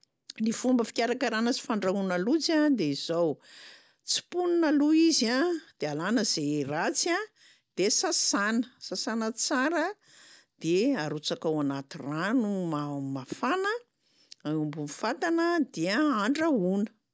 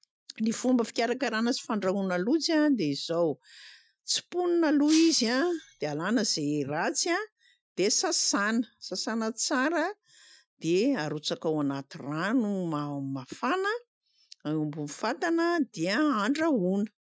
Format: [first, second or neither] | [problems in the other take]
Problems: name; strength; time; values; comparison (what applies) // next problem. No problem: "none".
first | noise reduction (classical method Wiener filter)